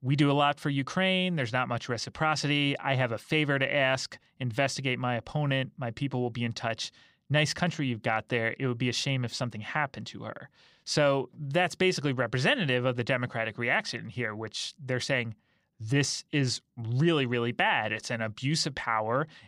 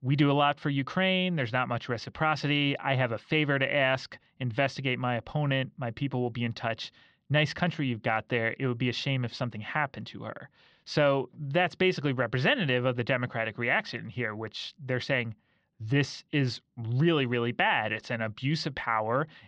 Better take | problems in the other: first | muffled; very slightly; fading above 4 kHz

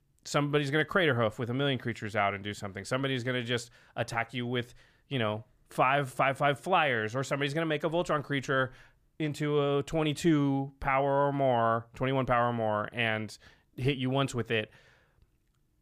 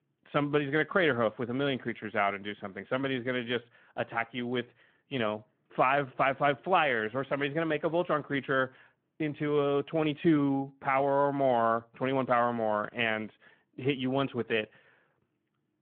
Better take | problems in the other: first | phone-call audio; nothing above 3.5 kHz

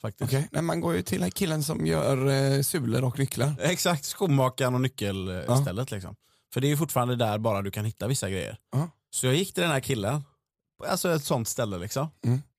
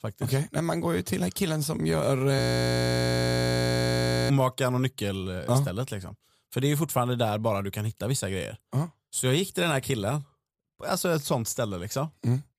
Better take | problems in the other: first | audio freezing; at 2.5 s for 2 s

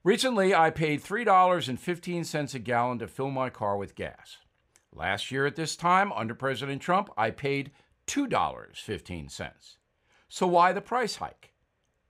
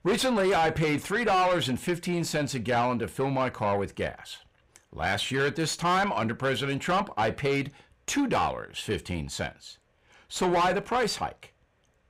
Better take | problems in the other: first | distortion; heavy; 6 dB below the speech

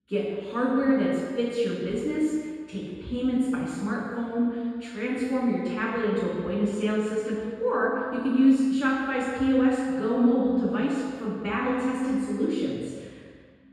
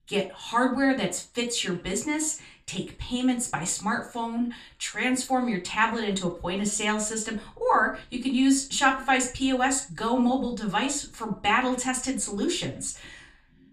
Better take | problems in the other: second | room echo; strong; dies away in 1.8 s; slight in the second // off-mic speech; far; far in the second

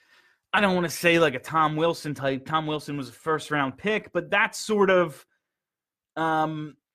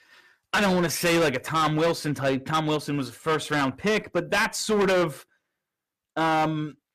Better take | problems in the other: first | distortion; heavy; 13% of the sound clipped

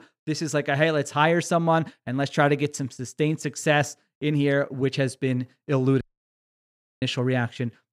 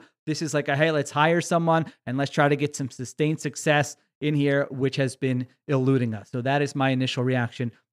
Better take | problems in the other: second | audio cutting out; at 6 s for 1 s

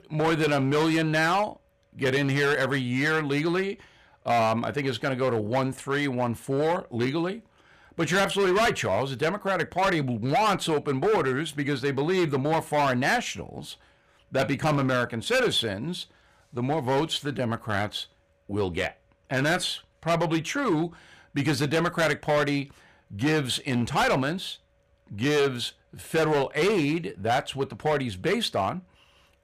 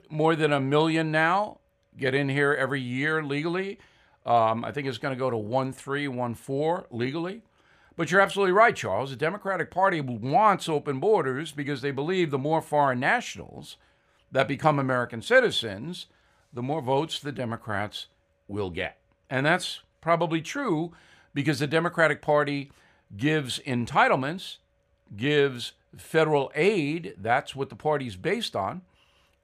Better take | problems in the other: second | distortion; heavy; 11% of the sound clipped

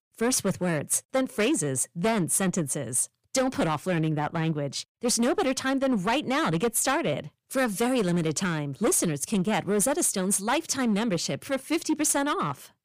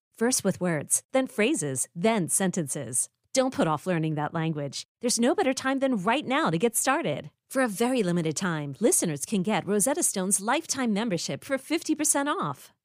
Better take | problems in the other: second | distortion; slight; 10% of the sound clipped

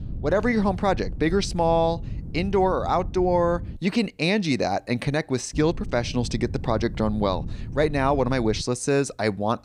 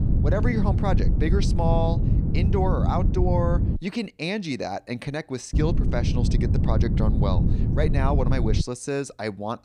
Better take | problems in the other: first | wind noise on the microphone; heavy; until 4 s and from 5.5 to 8.5 s; 6 dB below the speech; occasional gusts in the first

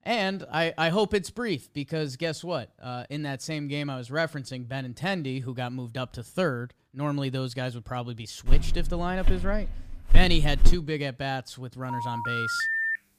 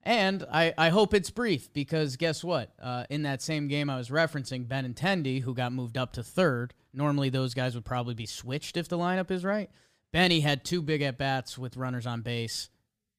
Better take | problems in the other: second | footsteps; loud; from 8.5 to 11 s; peak 4 dB above the speech // phone ringing; loud; from 12 s on; peak 5 dB above the speech

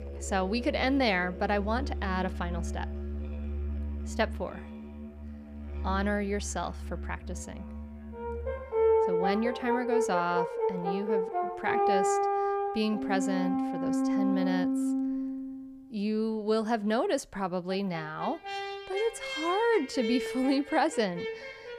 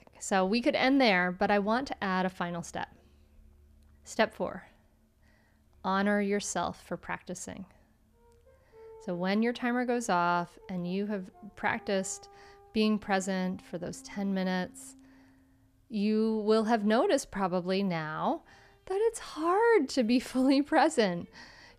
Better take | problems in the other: second | background music; loud; throughout; 1 dB below the speech; faint in the second

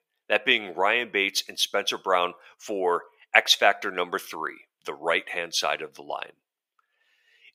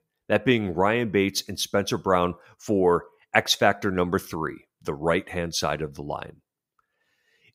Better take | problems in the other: second | thin; somewhat; fading below 500 Hz

